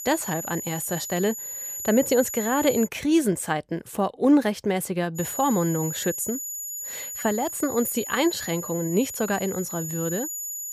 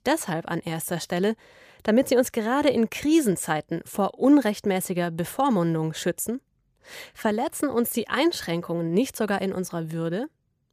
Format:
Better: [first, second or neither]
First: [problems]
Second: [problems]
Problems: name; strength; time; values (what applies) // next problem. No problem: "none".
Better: second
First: high-pitched whine; loud; until 3 s and from 5 s on; 7 kHz, 6 dB below the speech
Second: none